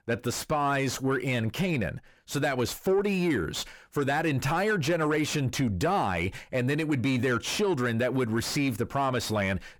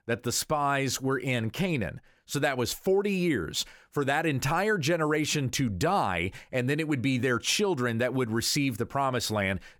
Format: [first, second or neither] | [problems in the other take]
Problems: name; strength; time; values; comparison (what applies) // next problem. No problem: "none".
second | distortion; slight; 10 dB below the speech